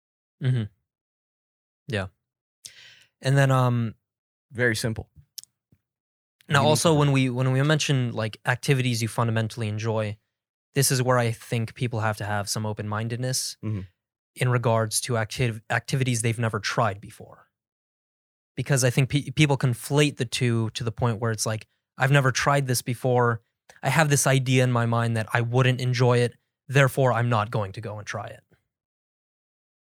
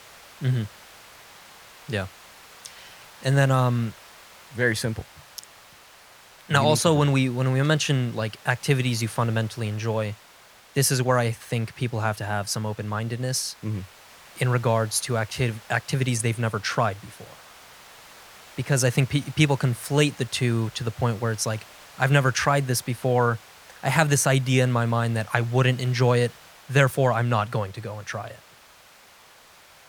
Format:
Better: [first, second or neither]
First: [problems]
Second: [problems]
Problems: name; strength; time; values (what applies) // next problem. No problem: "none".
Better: first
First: none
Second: hiss; faint; throughout; 25 dB below the speech